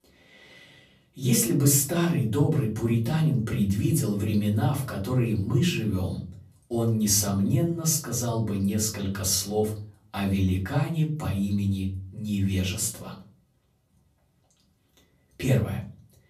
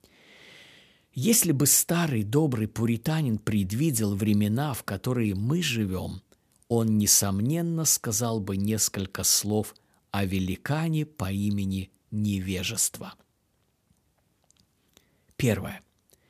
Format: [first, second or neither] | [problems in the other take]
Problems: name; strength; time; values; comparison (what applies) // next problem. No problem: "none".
second | room echo; slight; dies away in 0.5 s // off-mic speech; far